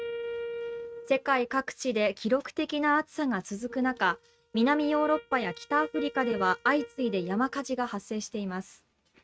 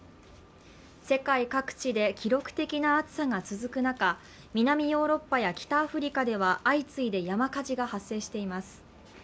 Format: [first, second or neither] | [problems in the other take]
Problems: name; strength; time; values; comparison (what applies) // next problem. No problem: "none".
second | noise reduction (neural mask model RNNoise)